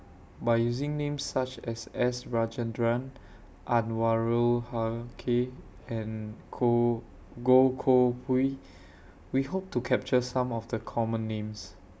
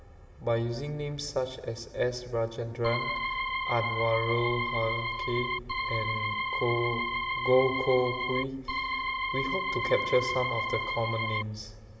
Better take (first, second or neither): first